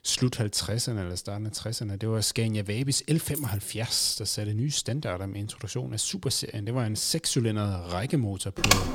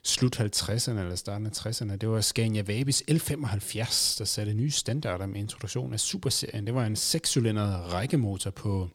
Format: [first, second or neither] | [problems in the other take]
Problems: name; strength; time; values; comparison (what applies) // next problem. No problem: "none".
second | jangling keys; noticeable; at 3.5 s; peak 8 dB below the speech // keyboard typing; very faint; at 8.5 s; peak 6 dB above the speech